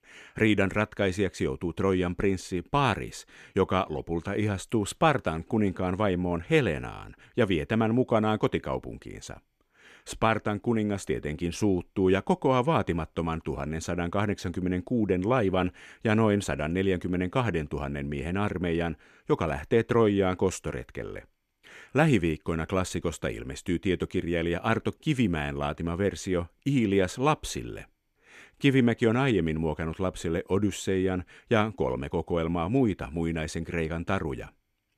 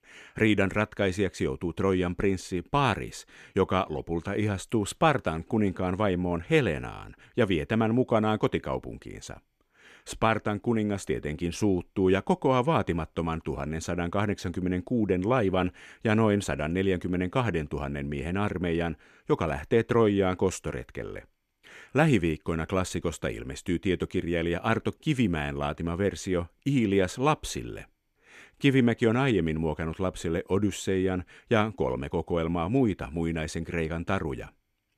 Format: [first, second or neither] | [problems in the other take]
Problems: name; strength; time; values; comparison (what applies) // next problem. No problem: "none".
neither | none